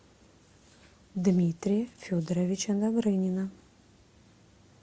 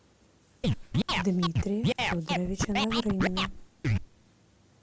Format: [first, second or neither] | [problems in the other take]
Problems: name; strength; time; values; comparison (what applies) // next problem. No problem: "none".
first | background sound (Scratching (performance technique)); 3 dB above the speech